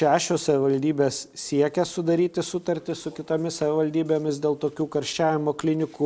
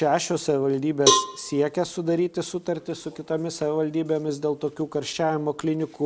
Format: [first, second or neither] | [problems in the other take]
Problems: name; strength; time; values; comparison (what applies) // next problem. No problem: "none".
first | background sound (Cowbell); 1 dB below the speech